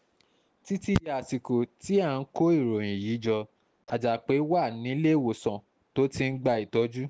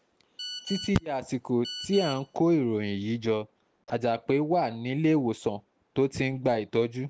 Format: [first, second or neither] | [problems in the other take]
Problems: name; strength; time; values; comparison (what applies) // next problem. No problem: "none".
first | background sound (Telephone); 12 dB below the speech